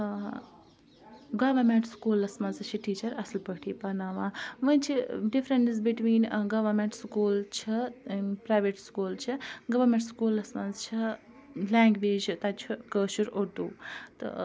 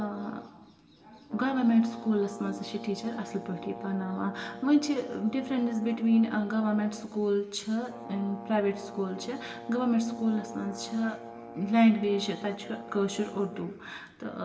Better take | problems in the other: first | background sound (Brass instrument); 15 dB below the speech // room echo; dies away in 1 s

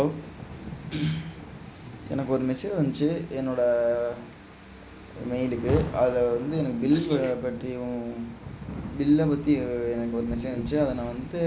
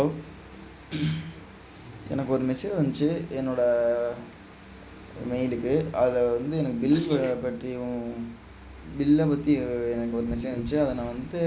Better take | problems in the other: second | background sound (Rain); 13 dB below the speech

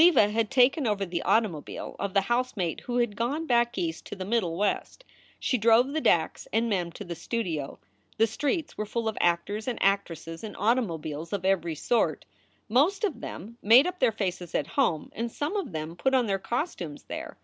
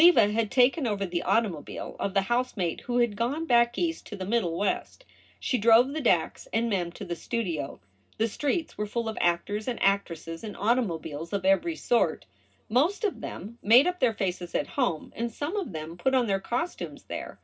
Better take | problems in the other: first | room echo; dies away in 0.4 s

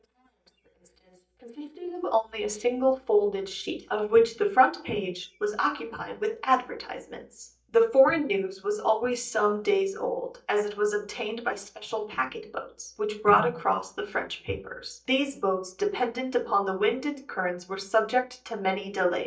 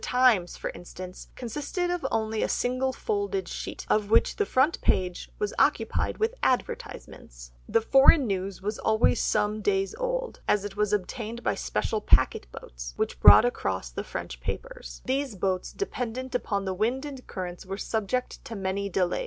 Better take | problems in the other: second | noise reduction (neural mask model DeepFilterNet 3)

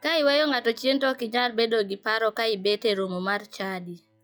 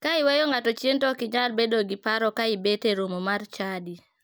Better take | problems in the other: second | noise reduction (classical method log-MMSE)

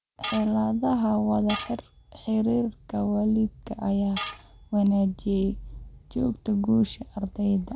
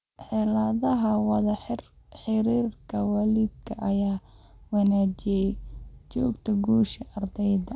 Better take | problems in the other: second | background sound (Tools); 12 dB below the speech

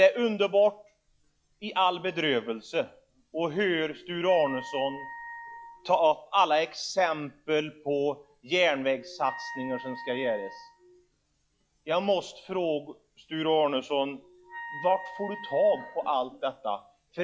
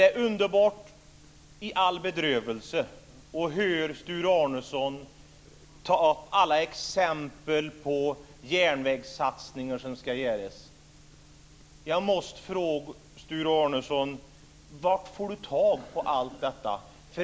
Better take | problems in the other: second | noise reduction (classical method log-MMSE)

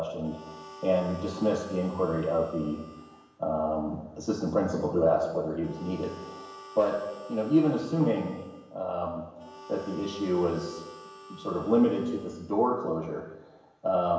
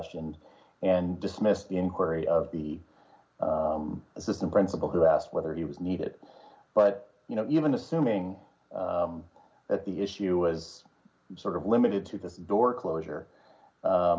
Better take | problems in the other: second | background sound (Harmonica); 18 dB below the speech // room echo; dies away in 1 s

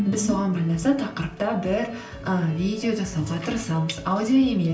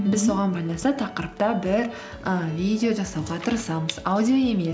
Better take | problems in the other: second | room echo; dies away in 0.3 s

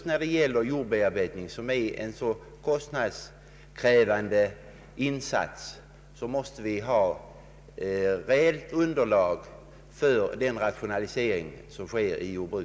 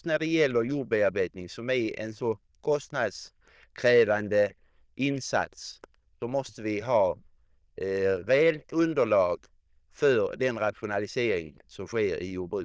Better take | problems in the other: first | noise reduction (neural diffusion model UNIVERSE++)

